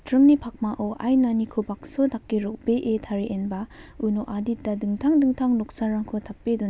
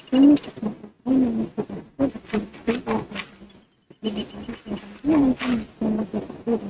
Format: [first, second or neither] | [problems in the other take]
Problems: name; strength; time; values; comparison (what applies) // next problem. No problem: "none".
first | noise reduction (neural mask model RNNoise)